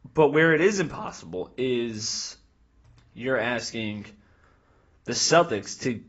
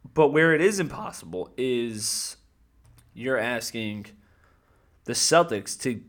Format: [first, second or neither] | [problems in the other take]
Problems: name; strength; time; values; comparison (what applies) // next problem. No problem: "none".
second | garbled, watery; badly; nothing above 7.5 kHz